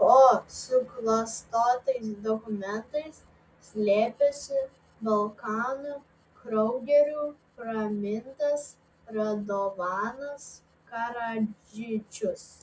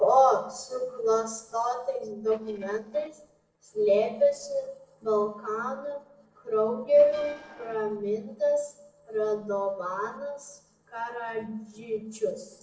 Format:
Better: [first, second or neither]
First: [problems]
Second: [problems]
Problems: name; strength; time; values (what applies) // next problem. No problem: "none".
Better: first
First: none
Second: noise reduction (neural separator model SepFormer DNS4)